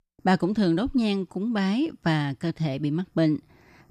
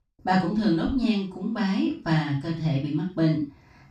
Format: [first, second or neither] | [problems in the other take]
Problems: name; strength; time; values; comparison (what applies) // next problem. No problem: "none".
first | room echo; noticeable; dies away in 0.3 s // off-mic speech; far